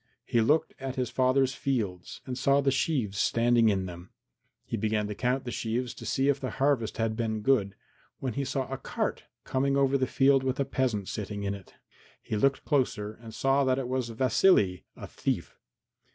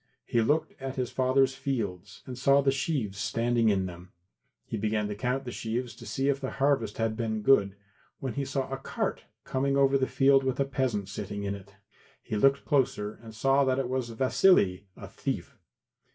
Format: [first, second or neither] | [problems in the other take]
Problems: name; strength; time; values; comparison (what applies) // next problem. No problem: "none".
first | room echo; dies away in 0.2 s